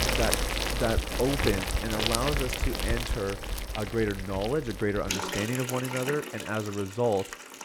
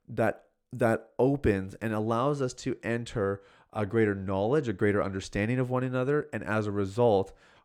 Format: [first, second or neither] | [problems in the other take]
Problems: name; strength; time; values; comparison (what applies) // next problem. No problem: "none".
second | household noises; loud; throughout; 1 dB below the speech